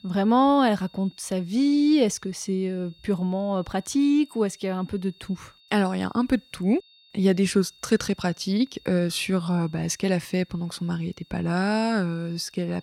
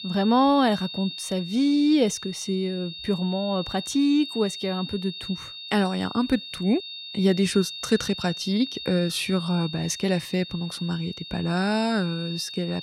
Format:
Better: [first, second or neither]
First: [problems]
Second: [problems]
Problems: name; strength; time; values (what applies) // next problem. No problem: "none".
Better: first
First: high-pitched whine; faint; throughout; 3.5 kHz, 30 dB below the speech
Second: high-pitched whine; loud; throughout; 3.5 kHz, 10 dB below the speech